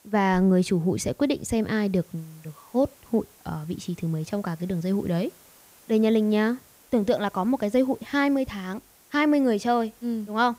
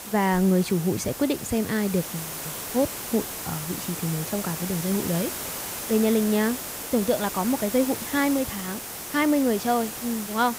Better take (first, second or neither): first